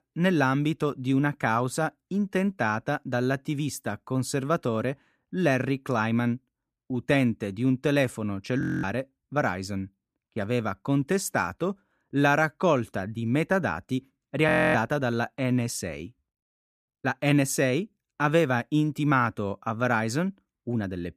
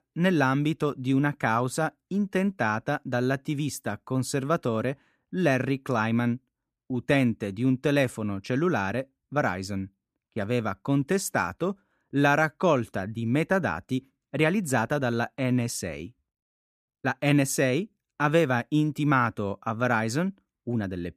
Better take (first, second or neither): second